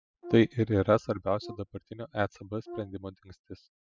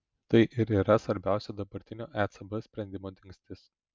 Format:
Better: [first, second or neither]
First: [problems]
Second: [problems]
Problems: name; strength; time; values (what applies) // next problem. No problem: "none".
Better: second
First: noise reduction (classical method spectral subtraction)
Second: none